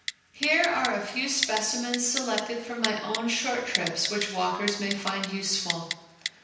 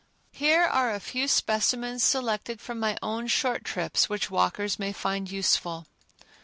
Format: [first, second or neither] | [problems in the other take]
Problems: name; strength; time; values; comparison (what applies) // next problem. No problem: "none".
second | background sound (Typing); 7 dB below the speech // room echo; dies away in 0.9 s